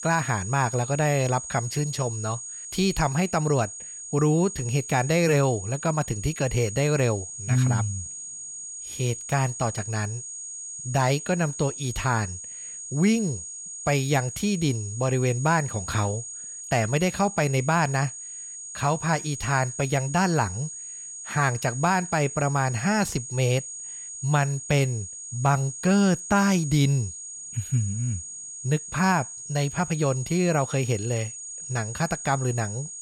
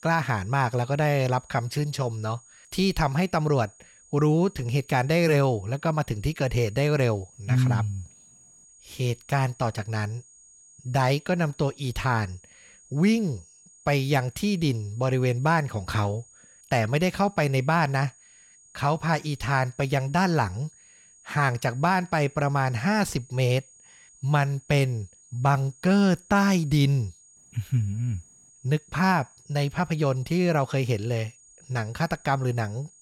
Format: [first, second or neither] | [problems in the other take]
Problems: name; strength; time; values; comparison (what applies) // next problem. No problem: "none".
second | high-pitched whine; loud; throughout; 6.5 kHz, 9 dB below the speech; faint in the second